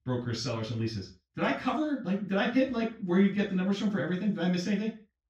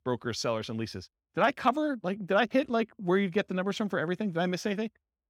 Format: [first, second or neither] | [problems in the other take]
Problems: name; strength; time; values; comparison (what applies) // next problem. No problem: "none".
second | room echo; noticeable; dies away in 0.3 s // off-mic speech; far